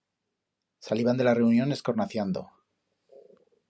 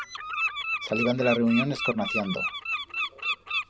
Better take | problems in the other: first | background sound (Bird); 2 dB below the speech

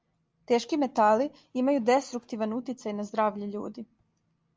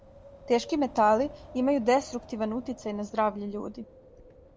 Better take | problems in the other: first | background sound (Wind); 20 dB below the speech

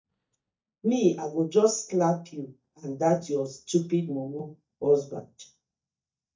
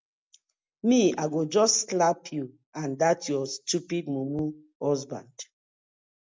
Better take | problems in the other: second | noise reduction (neural mask model DeepFilterNet 3)

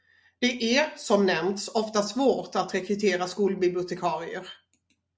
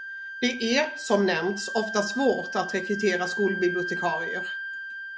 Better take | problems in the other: first | background sound (Wind instrument, woodwind instrument); 7 dB below the speech

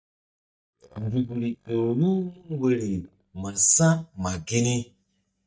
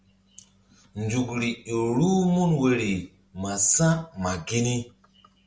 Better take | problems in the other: second | noise reduction (neural mask model DeepFilterNet 3)

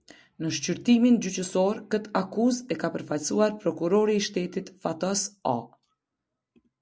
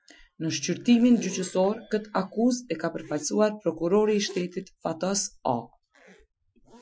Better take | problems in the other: first | noise reduction (classical method Wiener filter)

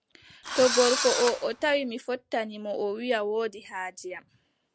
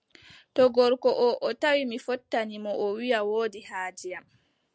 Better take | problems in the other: second | background sound (Engine / Drill); 3 dB below the speech

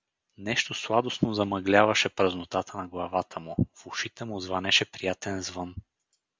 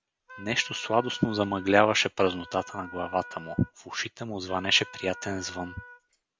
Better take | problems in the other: first | background sound (Wind instrument, woodwind instrument); 17 dB below the speech

